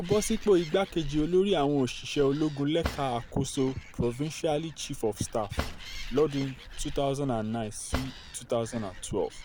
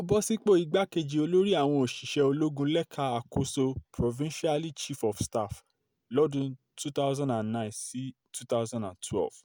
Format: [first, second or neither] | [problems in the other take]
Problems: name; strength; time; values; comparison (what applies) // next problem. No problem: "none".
second | background sound (Cutlery, silverware / Drawer open or close + Animal); 11 dB below the speech